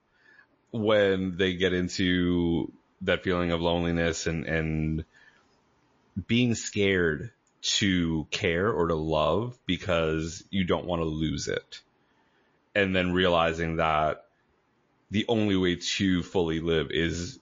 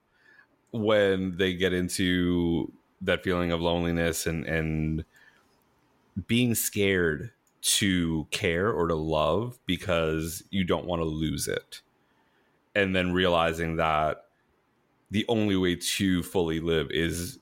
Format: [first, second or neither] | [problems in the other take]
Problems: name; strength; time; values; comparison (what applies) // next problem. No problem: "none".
second | garbled, watery; slightly; nothing above 6.5 kHz